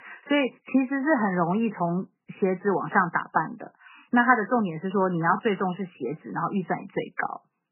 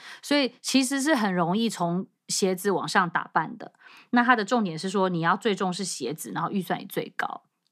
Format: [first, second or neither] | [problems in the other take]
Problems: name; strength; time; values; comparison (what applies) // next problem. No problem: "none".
second | garbled, watery; badly; nothing above 2.5 kHz